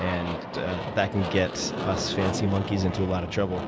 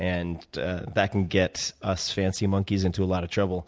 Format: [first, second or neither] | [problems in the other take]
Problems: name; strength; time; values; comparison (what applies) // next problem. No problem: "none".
second | background sound (Aircraft); 5 dB below the speech